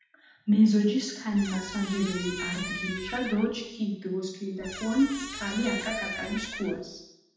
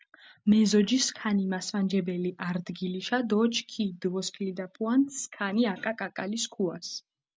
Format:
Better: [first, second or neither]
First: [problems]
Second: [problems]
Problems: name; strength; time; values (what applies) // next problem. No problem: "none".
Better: second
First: background sound (Squeak); 10 dB below the speech // room echo; dies away in 0.8 s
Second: none